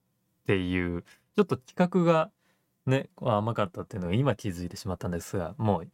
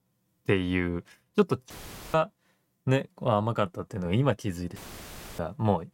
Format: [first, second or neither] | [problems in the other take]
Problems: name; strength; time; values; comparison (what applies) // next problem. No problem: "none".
first | audio cutting out; filled with static; at 1.5 s and at 5 s for 0.5 s